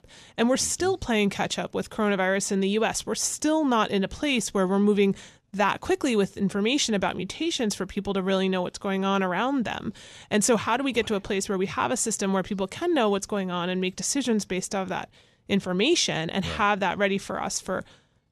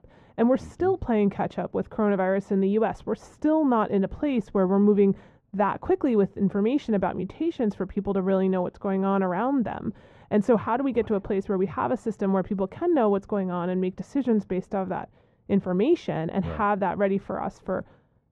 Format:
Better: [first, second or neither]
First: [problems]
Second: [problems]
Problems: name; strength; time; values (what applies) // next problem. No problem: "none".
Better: first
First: none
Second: muffled; very; fading above 2.5 kHz